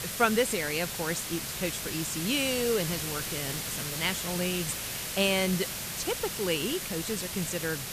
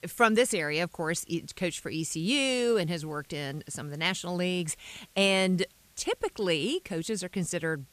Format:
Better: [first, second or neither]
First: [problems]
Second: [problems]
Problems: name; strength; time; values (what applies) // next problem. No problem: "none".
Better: second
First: hiss; loud; throughout; 2 dB below the speech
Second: hiss; faint; throughout; 30 dB below the speech